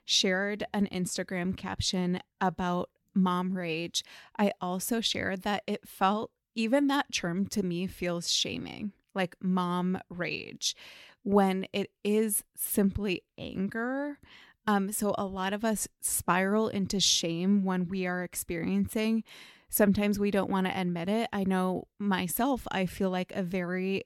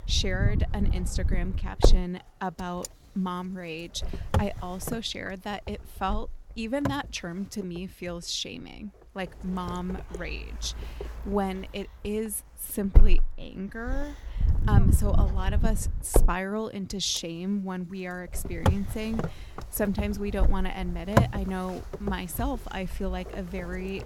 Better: first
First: none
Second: wind noise on the microphone; heavy; 3 dB below the speech

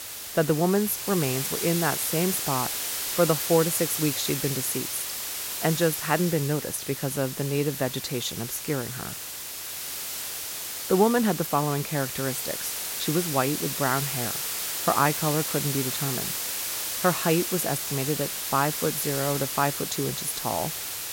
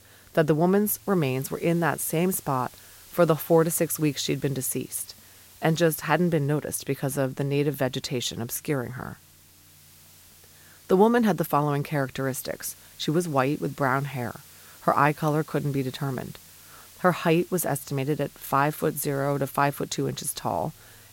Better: second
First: hiss; loud; throughout; 2 dB below the speech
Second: hiss; faint; throughout; 25 dB below the speech

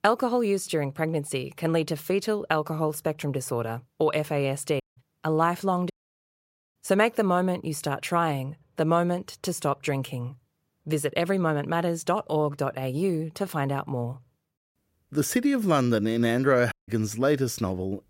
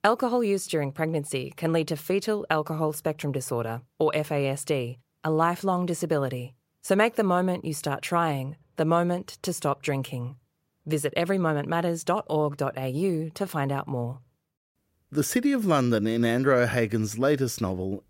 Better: second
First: audio cutting out; at 5 s, at 6 s for 1 s and at 17 s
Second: none

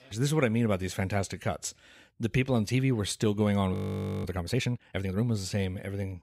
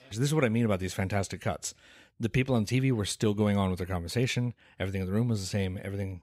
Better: second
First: audio freezing; at 3.5 s for 0.5 s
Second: none

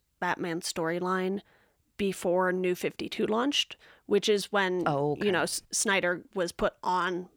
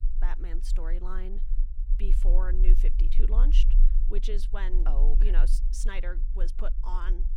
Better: first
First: none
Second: low rumble; noticeable; throughout; 10 dB below the speech

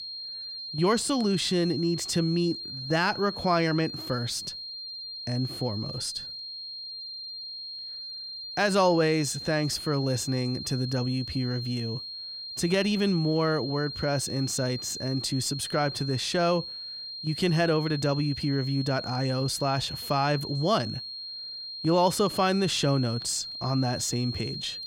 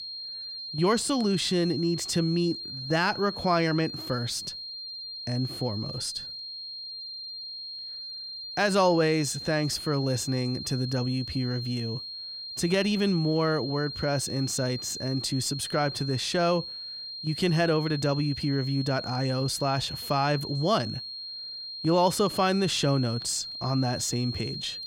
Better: neither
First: high-pitched whine; loud; throughout; 4 kHz, 8 dB below the speech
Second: high-pitched whine; loud; throughout; 4 kHz, 8 dB below the speech

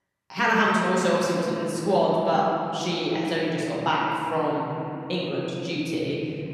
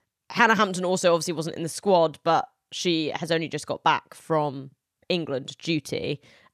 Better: second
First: room echo; strong; dies away in 3 s // off-mic speech; far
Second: none

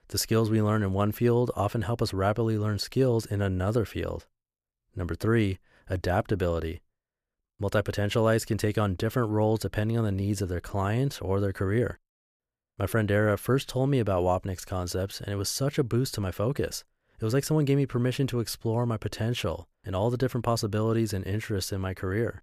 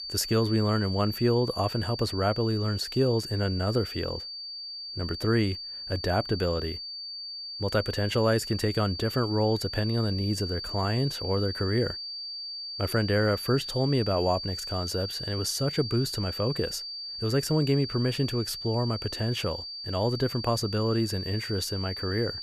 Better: first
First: none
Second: high-pitched whine; loud; throughout; 4.5 kHz, 7 dB below the speech

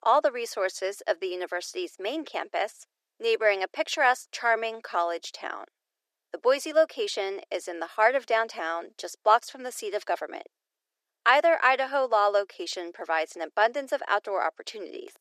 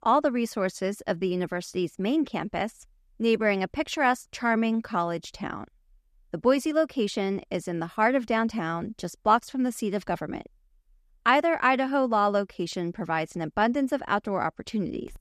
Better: second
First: thin; very; fading below 350 Hz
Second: none

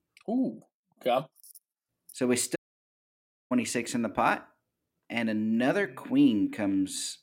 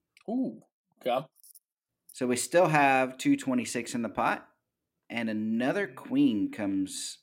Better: second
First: audio cutting out; at 2.5 s for 1 s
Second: none

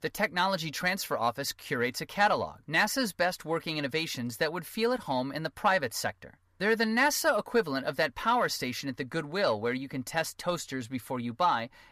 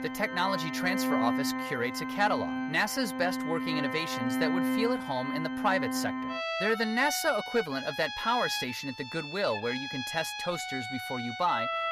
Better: first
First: none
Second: background music; loud; throughout; 2 dB below the speech

